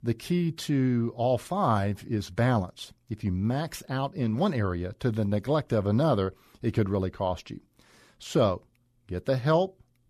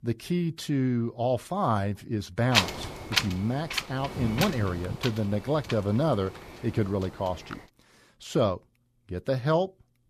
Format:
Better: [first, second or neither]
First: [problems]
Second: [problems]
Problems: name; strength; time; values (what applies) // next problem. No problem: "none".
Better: first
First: none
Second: wind noise on the microphone; heavy; from 2.5 to 7.5 s; 1 dB above the speech